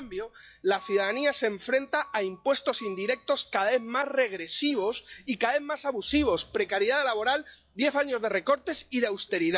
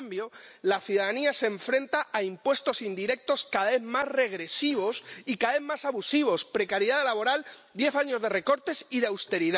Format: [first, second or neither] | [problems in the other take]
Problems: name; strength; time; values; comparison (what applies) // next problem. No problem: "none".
second | noise reduction (classical method log-MMSE)